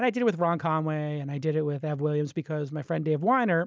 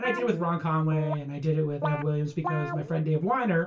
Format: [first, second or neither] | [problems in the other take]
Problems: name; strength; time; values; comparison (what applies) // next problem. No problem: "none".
first | background sound (Guitar); 10 dB below the speech // room echo; dies away in 0.2 s